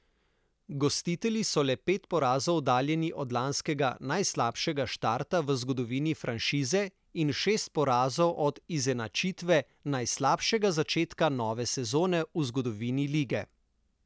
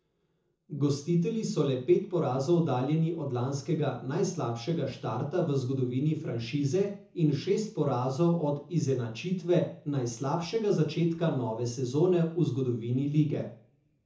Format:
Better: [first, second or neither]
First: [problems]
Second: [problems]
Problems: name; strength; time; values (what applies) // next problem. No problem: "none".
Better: first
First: none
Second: room echo; dies away in 0.5 s